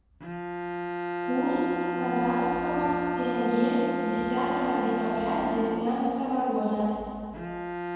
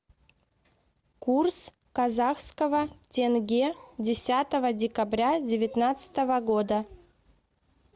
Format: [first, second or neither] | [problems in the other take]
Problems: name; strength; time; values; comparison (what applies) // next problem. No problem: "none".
second | background sound (Bowed string instrument); 4 dB below the speech // room echo; dies away in 2.1 s